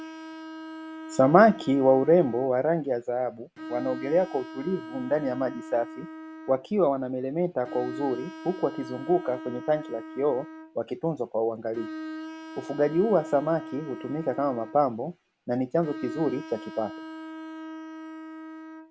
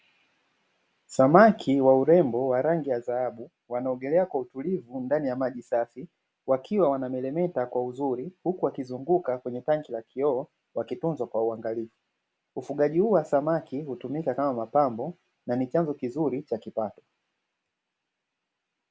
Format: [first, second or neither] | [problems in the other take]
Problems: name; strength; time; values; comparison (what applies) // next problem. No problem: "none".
second | background sound (Bowed string instrument); 13 dB below the speech